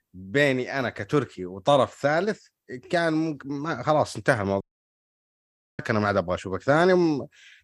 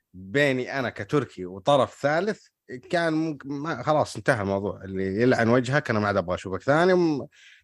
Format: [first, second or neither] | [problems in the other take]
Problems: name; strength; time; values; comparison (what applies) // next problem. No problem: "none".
second | audio cutting out; at 4.5 s for 1 s